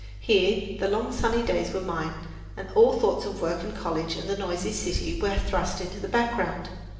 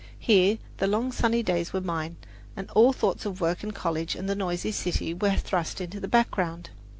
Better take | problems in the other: second | room echo; dies away in 1.1 s

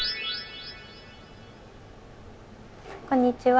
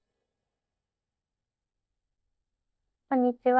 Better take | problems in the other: first | noise reduction (neural mask model DeepFilterNet 3)

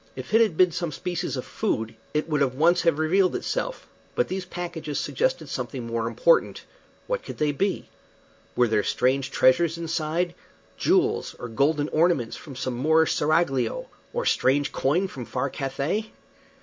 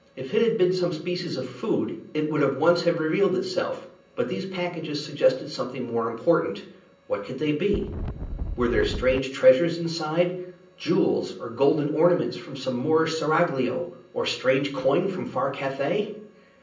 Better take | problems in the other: first | background sound (Wind); 6 dB below the speech // room echo; dies away in 0.6 s

